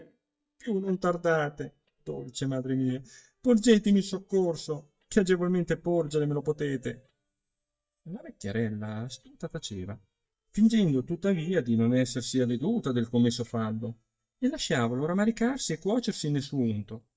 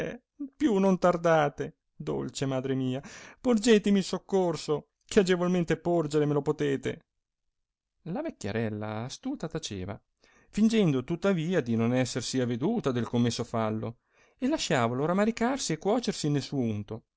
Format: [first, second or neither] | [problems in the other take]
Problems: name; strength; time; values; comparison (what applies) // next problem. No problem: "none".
second | noise reduction (neural mask model DeepFilterNet 3)